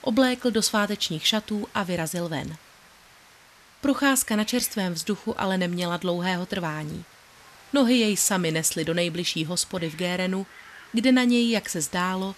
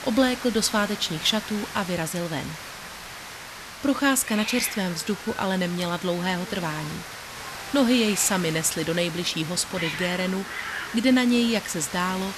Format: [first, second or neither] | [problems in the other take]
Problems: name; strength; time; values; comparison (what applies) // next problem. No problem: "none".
first | hiss; loud; throughout; 10 dB below the speech; faint in the first